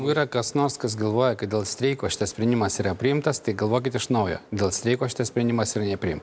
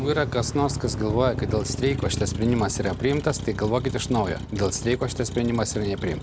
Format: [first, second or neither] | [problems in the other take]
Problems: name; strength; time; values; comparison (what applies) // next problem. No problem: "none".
first | background sound (Motor vehicle (road)); 6 dB below the speech